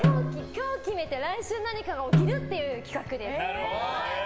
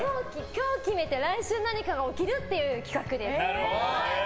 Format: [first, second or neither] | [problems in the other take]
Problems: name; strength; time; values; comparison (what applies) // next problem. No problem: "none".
second | background sound (Snare drum); 1 dB above the speech